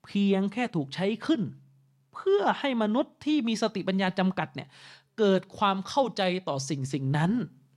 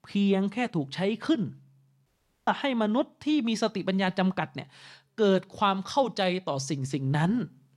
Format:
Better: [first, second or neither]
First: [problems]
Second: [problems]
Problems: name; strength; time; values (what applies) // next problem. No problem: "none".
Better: first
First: none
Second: audio cutting out; at 2 s